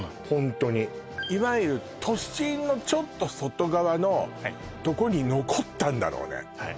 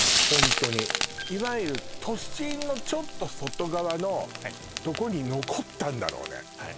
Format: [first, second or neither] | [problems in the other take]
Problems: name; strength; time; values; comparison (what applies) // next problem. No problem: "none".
first | background sound (Frying (food)); 1 dB above the speech